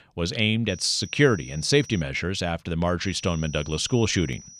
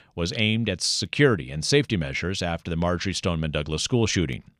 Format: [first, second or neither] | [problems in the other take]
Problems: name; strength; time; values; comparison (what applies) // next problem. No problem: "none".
second | high-pitched whine; noticeable; from 0.5 to 2 s and from 3 s on; 6 kHz, 20 dB below the speech